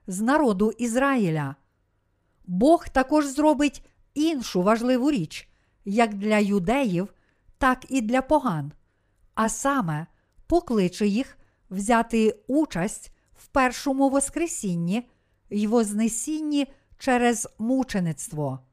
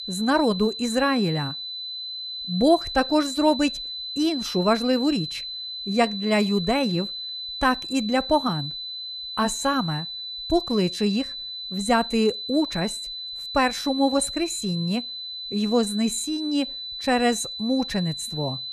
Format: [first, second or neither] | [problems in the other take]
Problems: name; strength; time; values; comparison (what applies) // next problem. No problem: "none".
first | high-pitched whine; loud; throughout; 4 kHz, 7 dB below the speech